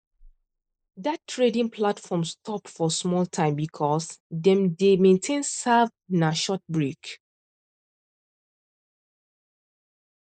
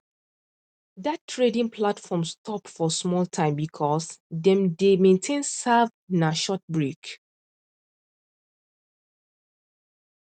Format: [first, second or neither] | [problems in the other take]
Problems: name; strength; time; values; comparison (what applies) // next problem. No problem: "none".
second | noise reduction (neural mask model Resemble Enhance denoiser)